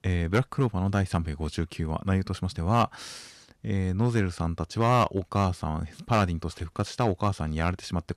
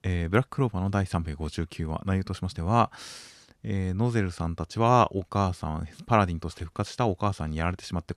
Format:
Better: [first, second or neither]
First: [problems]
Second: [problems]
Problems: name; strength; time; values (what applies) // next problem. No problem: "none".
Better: second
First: distortion; slight; 1.8% of the sound clipped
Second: none